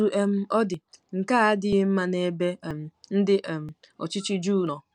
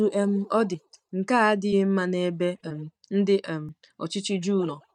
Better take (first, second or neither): first